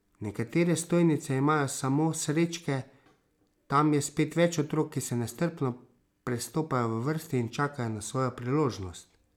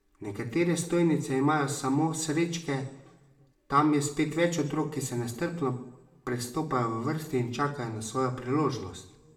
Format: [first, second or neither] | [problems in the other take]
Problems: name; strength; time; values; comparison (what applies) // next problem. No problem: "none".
first | room echo; dies away in 0.7 s